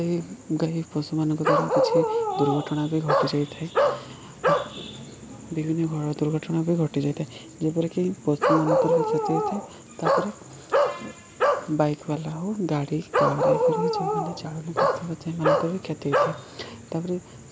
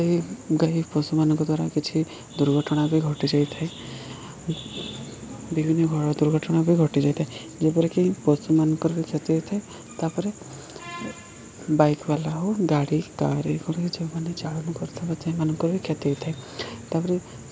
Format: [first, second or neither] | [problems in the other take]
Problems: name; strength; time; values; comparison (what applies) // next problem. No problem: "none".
second | background sound (Bark); 3 dB above the speech